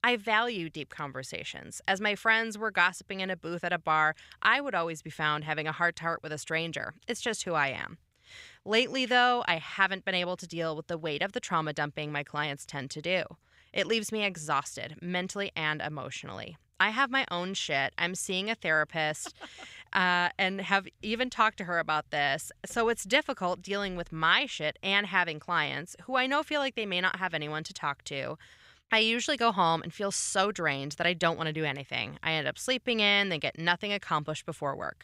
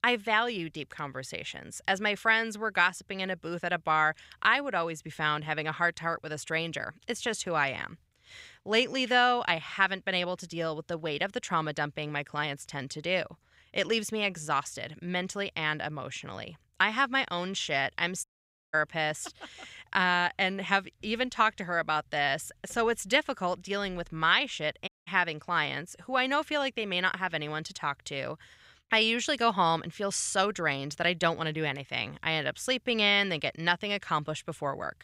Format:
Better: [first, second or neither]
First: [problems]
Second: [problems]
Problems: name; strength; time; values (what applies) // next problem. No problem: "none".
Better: first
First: none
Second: audio cutting out; at 18 s and at 25 s